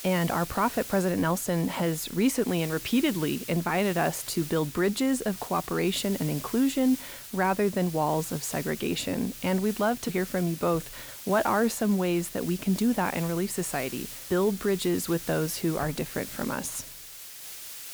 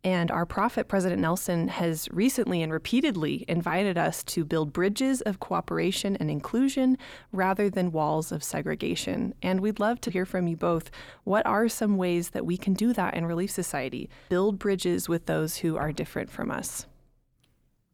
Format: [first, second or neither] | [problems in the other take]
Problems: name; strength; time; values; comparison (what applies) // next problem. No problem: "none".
second | hiss; noticeable; throughout; 10 dB below the speech